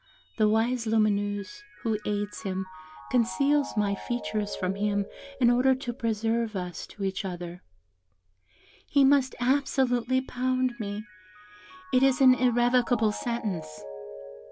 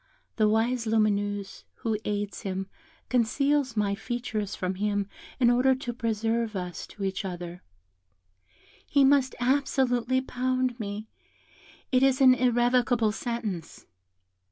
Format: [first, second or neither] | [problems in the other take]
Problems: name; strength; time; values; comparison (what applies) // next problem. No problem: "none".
second | background sound (Mallet percussion); 17 dB below the speech